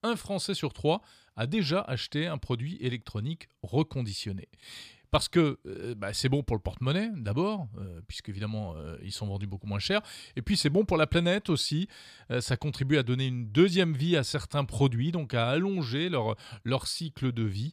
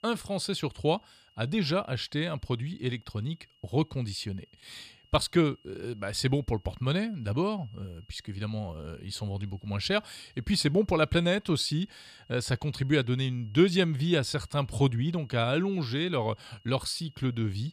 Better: first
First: none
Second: high-pitched whine; faint; throughout; 3 kHz, 30 dB below the speech

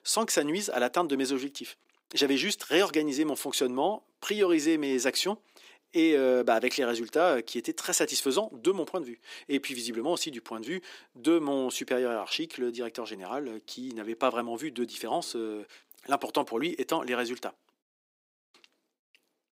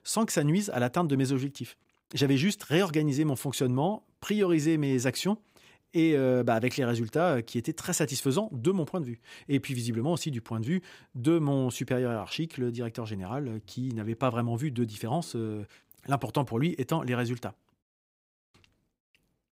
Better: second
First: thin; somewhat; fading below 300 Hz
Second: none

